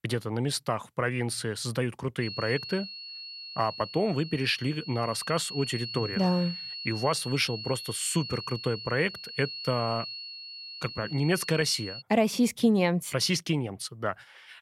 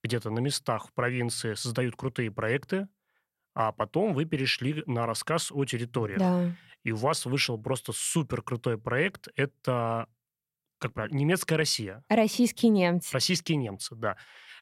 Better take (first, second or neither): second